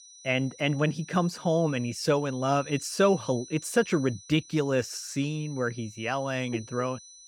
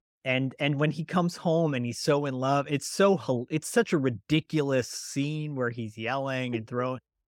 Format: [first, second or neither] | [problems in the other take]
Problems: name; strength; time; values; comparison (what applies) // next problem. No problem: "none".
second | high-pitched whine; noticeable; throughout; 6 kHz, 20 dB below the speech